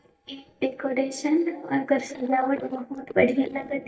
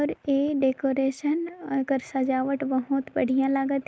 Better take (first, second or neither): second